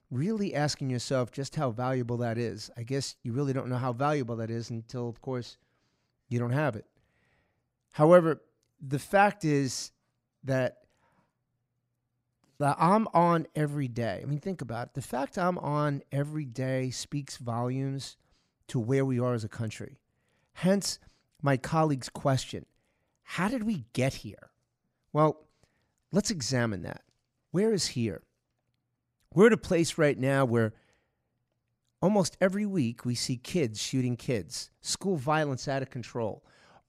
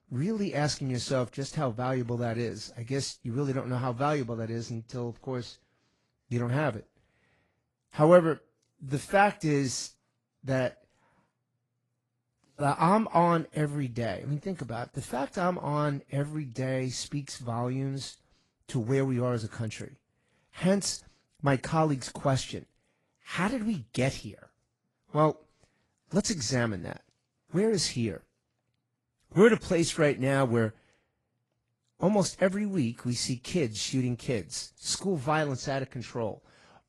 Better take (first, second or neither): first